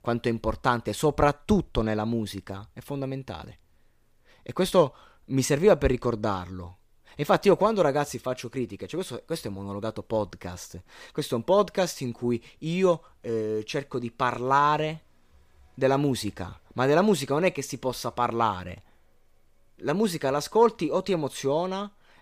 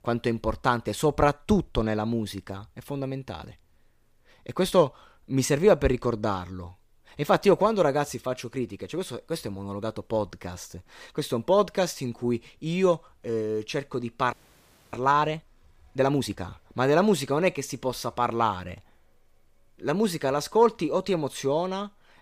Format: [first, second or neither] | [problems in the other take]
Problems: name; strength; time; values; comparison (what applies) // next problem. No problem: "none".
first | audio freezing; at 14 s for 0.5 s